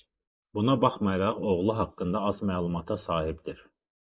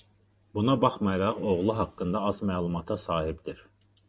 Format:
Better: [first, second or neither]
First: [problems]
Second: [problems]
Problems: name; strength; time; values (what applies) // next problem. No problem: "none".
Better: second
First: noise reduction (neural mask model Resemble Enhance denoiser)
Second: none